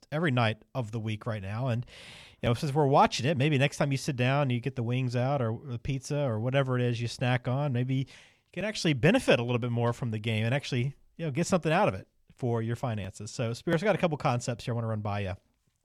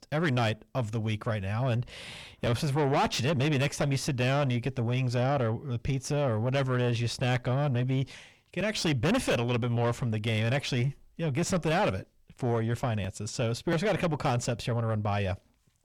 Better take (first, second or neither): first